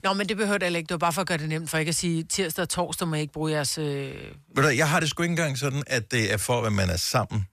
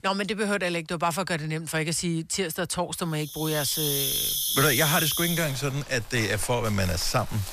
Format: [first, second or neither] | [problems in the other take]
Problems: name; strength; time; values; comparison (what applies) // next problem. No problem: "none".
first | animal sounds; loud; from 3.5 s on; as loud as the speech